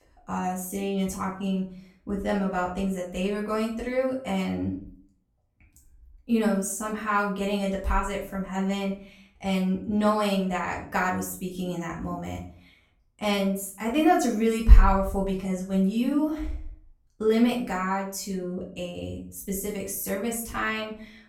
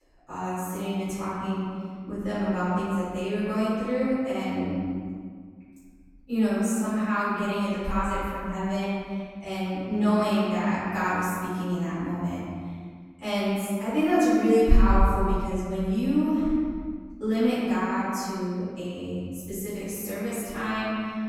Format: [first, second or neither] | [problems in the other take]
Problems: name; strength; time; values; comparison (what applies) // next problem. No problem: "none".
first | room echo; strong; dies away in 1.9 s; slight in the first // off-mic speech; far; far in the first